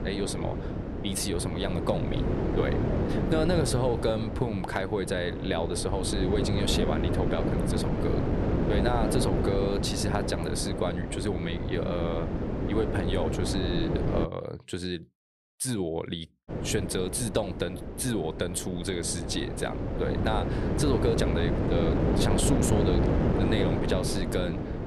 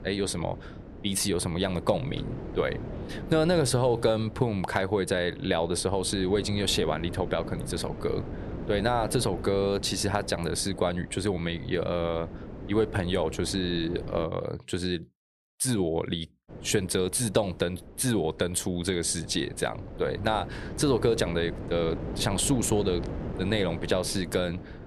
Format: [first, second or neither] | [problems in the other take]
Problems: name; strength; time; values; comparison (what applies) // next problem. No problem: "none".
second | wind noise on the microphone; heavy; until 14 s and from 16 s on; 2 dB below the speech; occasional gusts in the second